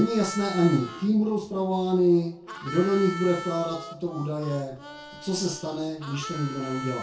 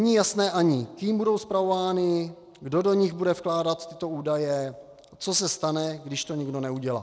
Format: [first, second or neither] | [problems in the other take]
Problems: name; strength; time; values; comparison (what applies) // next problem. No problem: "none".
second | background sound (Harmonica); 13 dB below the speech // room echo; dies away in 0.2 s